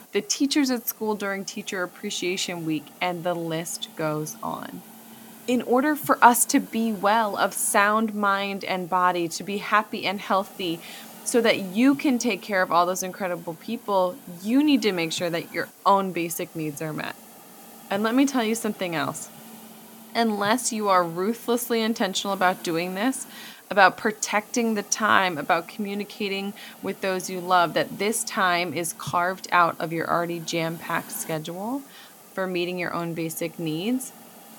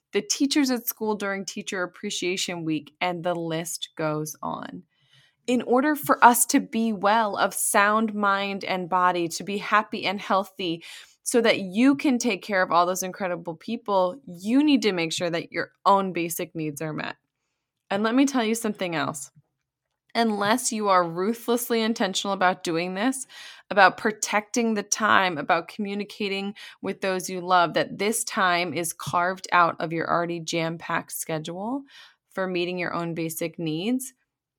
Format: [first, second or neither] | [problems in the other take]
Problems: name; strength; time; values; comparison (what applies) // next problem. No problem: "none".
second | hiss; faint; throughout; 20 dB below the speech